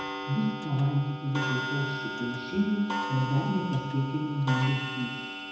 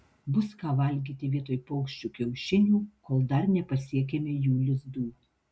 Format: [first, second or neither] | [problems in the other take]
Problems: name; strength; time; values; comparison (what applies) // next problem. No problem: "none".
second | background sound (Clock); 5 dB below the speech // room echo; dies away in 1 s